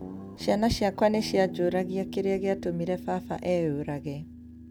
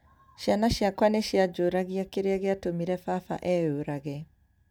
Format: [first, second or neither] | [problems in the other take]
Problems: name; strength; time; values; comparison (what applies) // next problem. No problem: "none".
second | background sound (Guitar); 12 dB below the speech